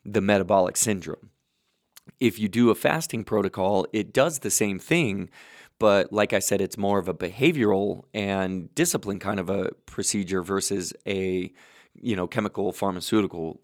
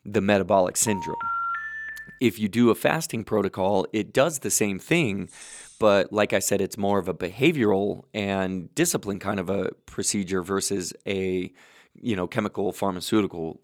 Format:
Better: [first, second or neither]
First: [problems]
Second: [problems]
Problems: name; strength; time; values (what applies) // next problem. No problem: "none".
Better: first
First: none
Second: phone ringing; noticeable; from 1 to 2 s; peak 2 dB below the speech // jangling keys; faint; at 5.5 s; peak 15 dB below the speech